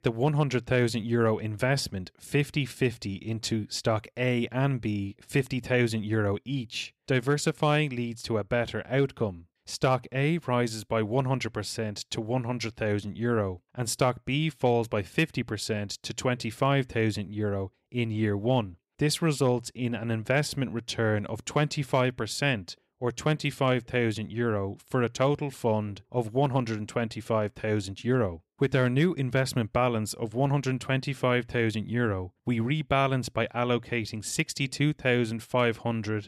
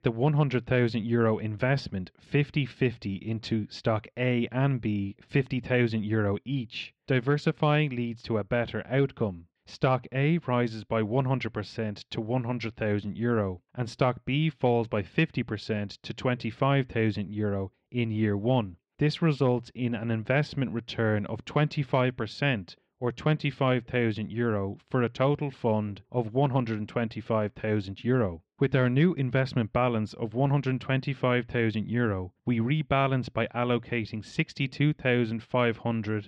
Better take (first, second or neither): first